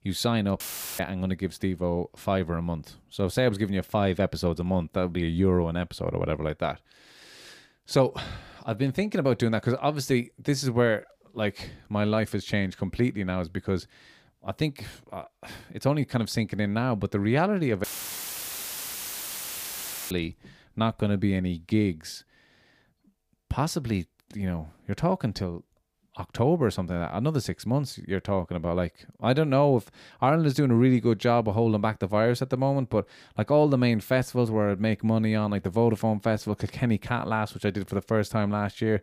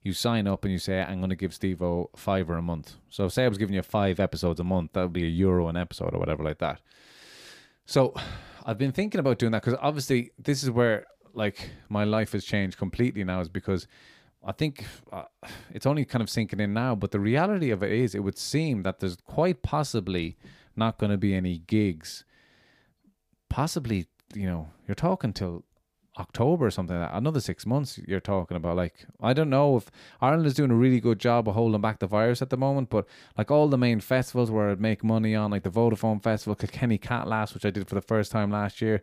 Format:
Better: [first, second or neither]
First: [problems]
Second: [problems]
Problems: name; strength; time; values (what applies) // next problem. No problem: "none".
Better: second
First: audio cutting out; filled with static; at 0.5 s and at 18 s for 2.5 s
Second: none